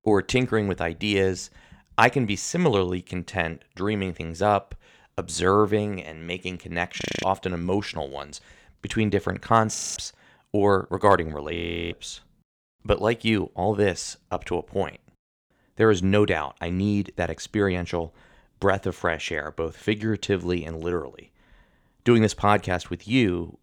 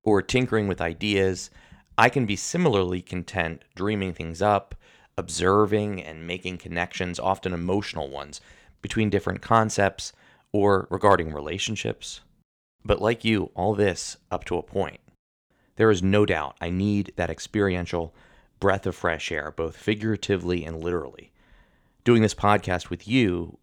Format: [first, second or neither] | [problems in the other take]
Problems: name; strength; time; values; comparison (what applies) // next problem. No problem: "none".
second | audio freezing; at 7 s, at 10 s and at 12 s